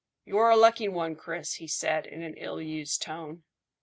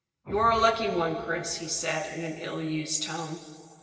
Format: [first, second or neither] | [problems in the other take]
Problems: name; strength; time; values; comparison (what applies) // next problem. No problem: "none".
first | background sound (Explosion); 20 dB below the speech // room echo; dies away in 2.3 s